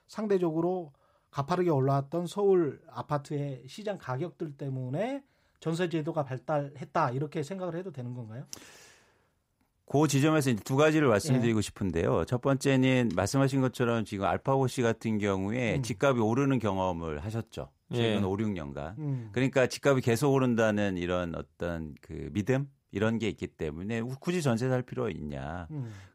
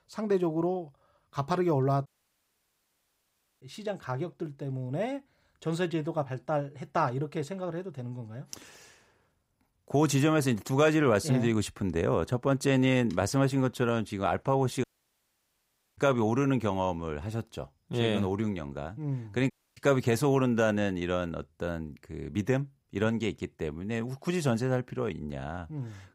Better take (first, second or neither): first